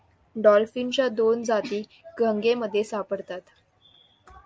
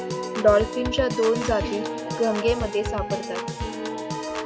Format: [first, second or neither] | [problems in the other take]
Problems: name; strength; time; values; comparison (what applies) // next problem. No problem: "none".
first | background sound (Piano / Organ); 4 dB below the speech